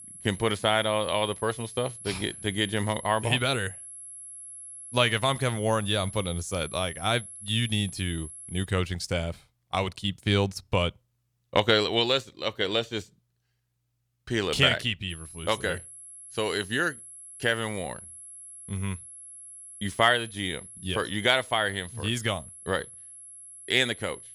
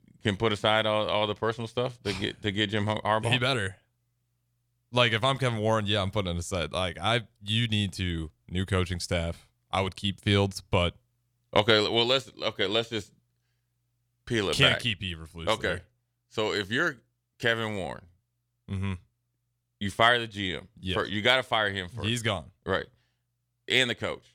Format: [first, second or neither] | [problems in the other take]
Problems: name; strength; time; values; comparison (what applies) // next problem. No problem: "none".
second | high-pitched whine; noticeable; until 8.5 s and from 15 s on; 11 kHz, 15 dB below the speech